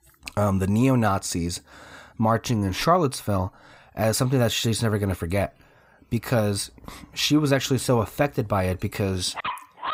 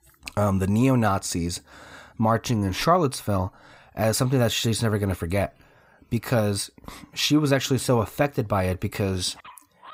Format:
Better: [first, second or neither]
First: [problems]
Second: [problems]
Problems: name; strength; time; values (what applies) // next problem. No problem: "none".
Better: second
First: animal sounds; loud; from 6.5 s on; 9 dB below the speech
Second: animal sounds; faint; from 6.5 s on; 25 dB below the speech